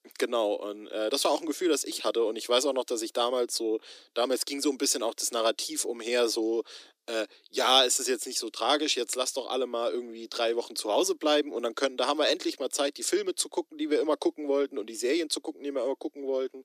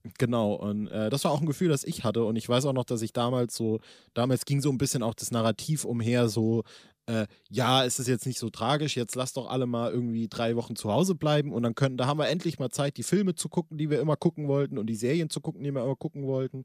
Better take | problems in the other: second | thin; somewhat; fading below 300 Hz

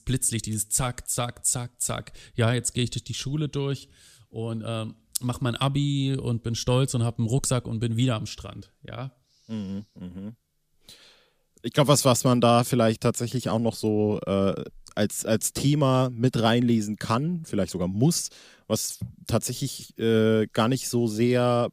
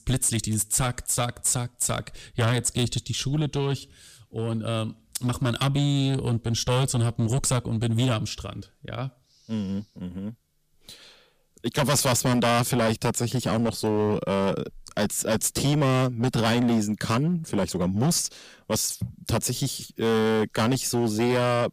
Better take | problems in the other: first | distortion; heavy; 11% of the sound clipped

